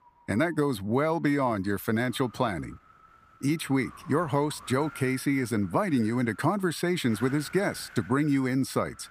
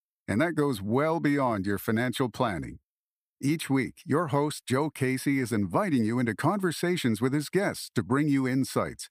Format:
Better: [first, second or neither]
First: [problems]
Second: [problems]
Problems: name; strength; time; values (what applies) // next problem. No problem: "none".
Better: second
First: wind noise on the microphone; occasional gusts; 20 dB below the speech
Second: none